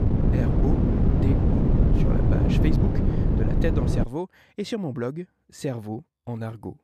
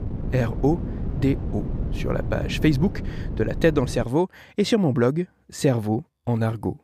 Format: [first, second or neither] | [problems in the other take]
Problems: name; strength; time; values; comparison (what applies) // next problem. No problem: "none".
second | wind noise on the microphone; heavy; until 4 s; 4 dB above the speech; occasional gusts in the second